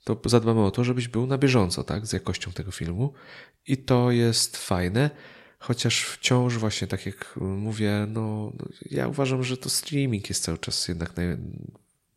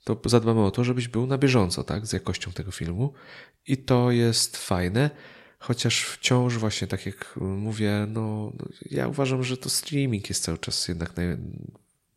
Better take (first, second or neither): neither